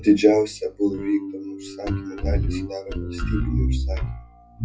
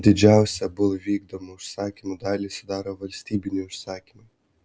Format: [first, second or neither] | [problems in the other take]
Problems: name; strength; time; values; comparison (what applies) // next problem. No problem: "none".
second | noise reduction (classical method WPE with log-MMSE)